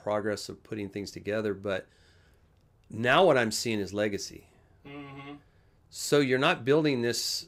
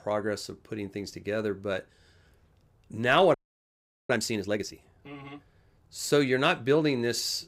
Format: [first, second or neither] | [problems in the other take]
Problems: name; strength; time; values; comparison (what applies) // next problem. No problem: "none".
first | audio freezing; at 3.5 s for 1 s